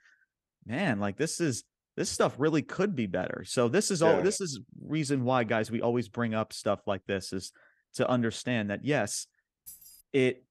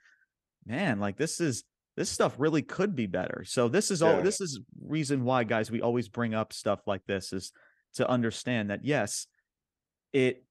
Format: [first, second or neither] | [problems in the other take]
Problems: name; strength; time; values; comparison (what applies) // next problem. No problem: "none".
second | jangling keys; faint; at 9.5 s; peak 20 dB below the speech